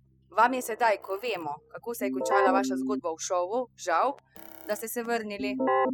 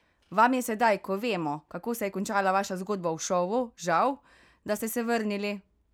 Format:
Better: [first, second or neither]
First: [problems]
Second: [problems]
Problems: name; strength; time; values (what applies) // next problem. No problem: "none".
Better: second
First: noise reduction (classical method spectral subtraction)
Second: none